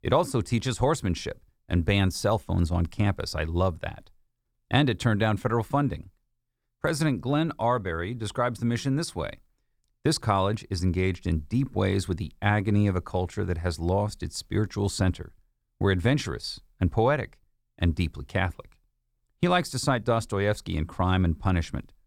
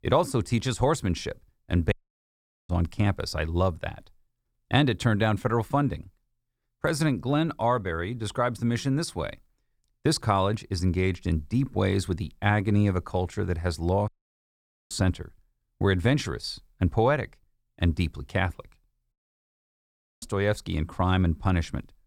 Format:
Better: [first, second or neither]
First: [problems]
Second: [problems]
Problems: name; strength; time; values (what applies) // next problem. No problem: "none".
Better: first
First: none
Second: audio cutting out; at 2 s for 1 s, at 14 s for 1 s and at 19 s for 1 s